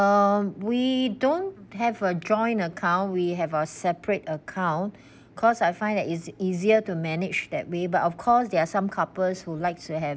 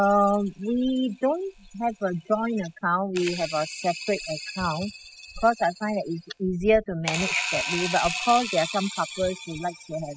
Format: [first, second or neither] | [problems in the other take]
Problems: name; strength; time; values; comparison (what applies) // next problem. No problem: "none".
first | noise reduction (classical method spectral subtraction)